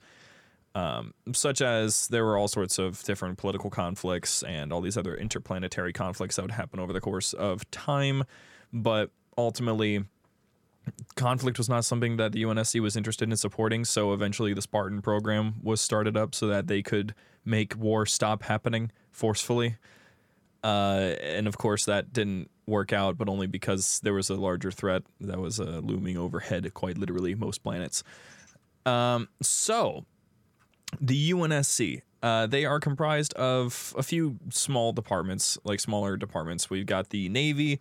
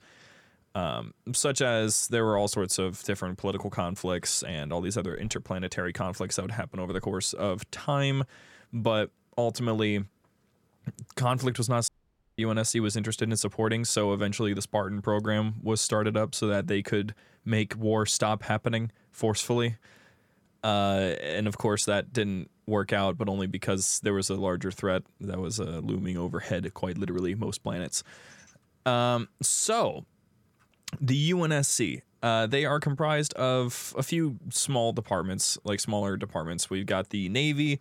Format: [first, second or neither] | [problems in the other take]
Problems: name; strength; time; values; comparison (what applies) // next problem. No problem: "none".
first | audio cutting out; at 12 s for 0.5 s